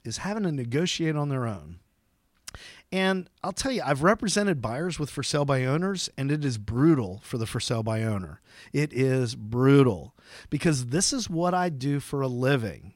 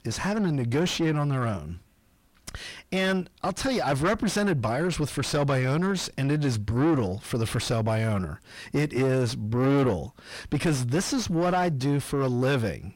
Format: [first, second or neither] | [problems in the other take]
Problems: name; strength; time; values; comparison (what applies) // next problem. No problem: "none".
first | distortion; heavy; 5 dB below the speech